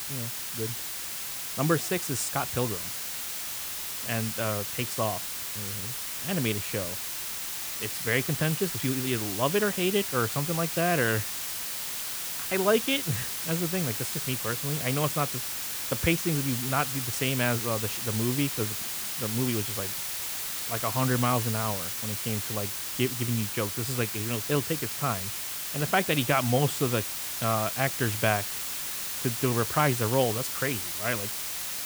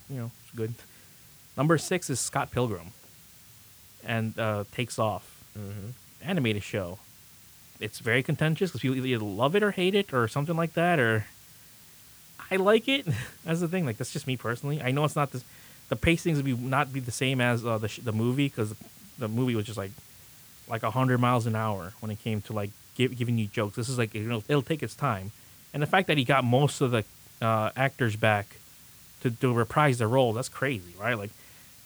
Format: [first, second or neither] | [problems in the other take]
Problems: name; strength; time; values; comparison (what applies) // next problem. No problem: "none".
second | hiss; loud; throughout; 1 dB below the speech; faint in the second